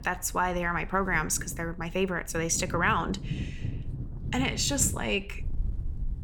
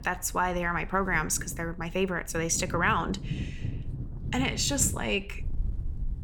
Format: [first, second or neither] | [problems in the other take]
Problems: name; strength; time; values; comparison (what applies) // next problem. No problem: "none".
neither | wind noise on the microphone; occasional gusts; 20 dB below the speech; the same in both